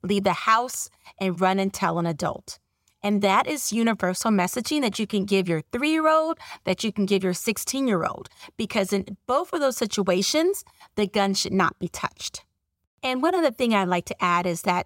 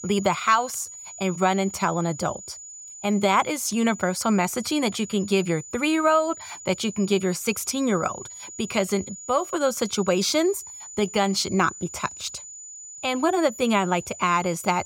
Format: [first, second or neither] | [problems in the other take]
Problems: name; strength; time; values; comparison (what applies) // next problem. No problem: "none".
first | high-pitched whine; noticeable; throughout; 7 kHz, 15 dB below the speech